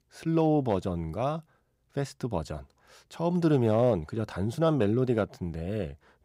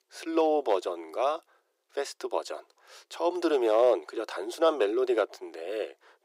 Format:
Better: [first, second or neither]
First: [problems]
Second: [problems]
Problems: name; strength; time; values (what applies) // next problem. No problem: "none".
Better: first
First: none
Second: thin; very; fading below 350 Hz